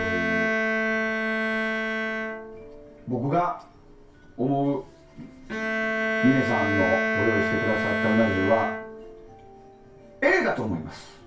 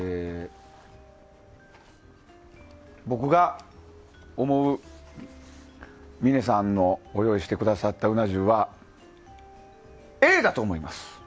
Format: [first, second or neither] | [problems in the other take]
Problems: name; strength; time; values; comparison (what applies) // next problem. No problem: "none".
second | background sound (Bowed string instrument); 1 dB below the speech // room echo; dies away in 0.3 s